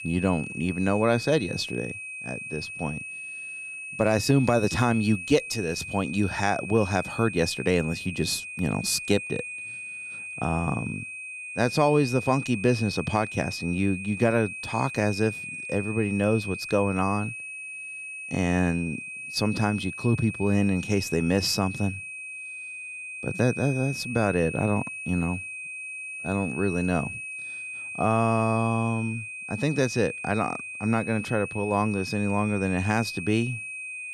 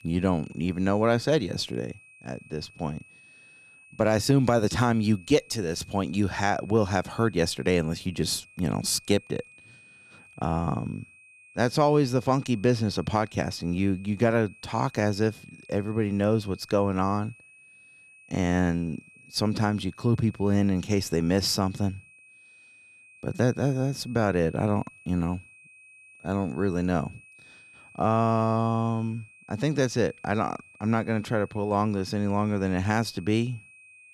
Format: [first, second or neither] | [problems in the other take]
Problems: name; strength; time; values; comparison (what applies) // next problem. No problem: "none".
second | high-pitched whine; loud; throughout; 2.5 kHz, 8 dB below the speech; faint in the second